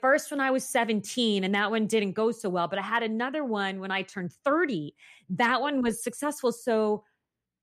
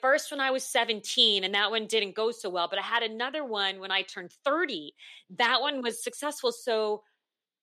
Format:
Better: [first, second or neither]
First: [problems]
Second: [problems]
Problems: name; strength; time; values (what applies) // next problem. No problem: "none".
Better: first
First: none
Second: thin; somewhat; fading below 400 Hz